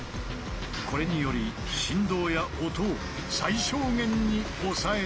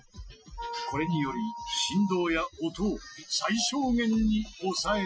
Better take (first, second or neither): first